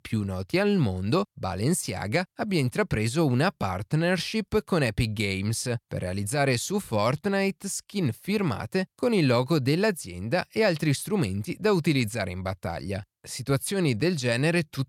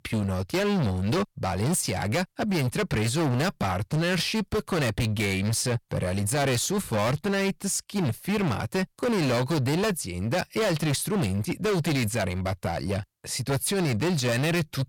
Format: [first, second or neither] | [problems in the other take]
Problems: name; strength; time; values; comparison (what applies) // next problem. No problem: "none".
first | distortion; heavy; 25% of the sound clipped